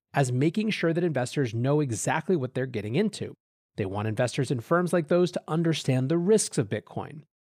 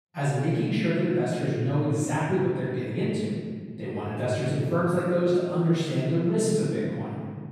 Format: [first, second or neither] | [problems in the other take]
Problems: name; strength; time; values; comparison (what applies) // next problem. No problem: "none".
first | off-mic speech; far // room echo; strong; dies away in 2 s